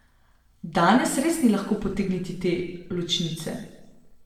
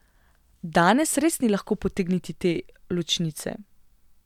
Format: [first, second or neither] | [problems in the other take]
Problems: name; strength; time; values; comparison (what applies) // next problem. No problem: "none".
second | room echo; dies away in 0.9 s